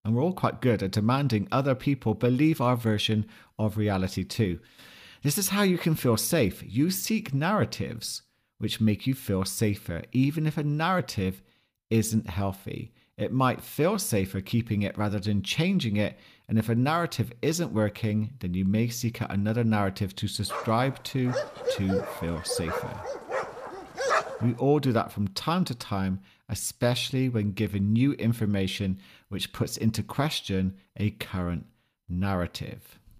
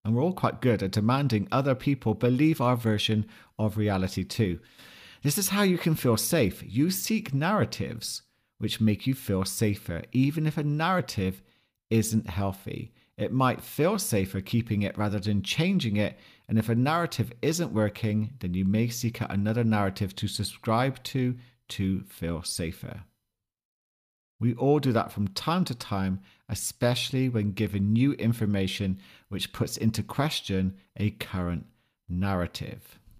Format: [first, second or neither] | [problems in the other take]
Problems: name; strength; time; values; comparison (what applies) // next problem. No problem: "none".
second | dog barking; loud; from 21 to 24 s; peak 1 dB above the speech